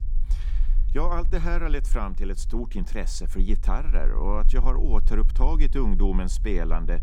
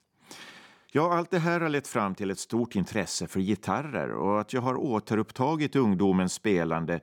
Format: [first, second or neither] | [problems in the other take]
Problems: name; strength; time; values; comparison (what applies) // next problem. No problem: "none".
second | low rumble; noticeable; throughout; 20 dB below the speech